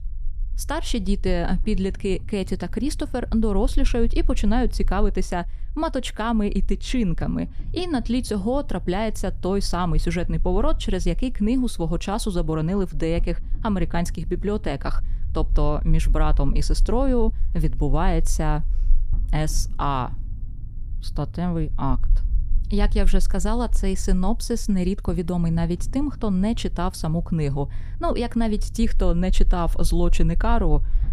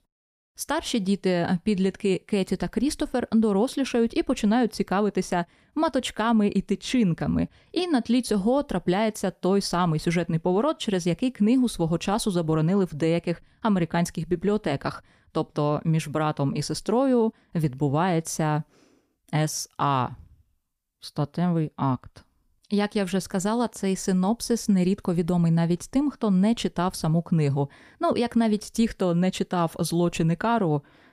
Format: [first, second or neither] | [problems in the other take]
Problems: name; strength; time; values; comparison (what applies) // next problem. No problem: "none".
second | low rumble; faint; throughout; 25 dB below the speech